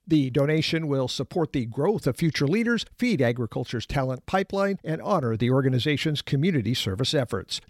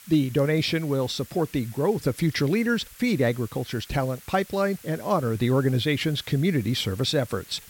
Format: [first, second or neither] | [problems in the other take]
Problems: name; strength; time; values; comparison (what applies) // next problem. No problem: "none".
first | hiss; faint; throughout; 20 dB below the speech